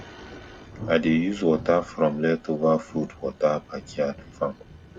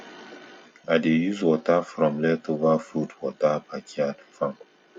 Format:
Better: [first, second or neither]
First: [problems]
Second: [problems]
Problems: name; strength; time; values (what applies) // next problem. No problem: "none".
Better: second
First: background sound (Thunder + Thunder); 18 dB below the speech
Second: none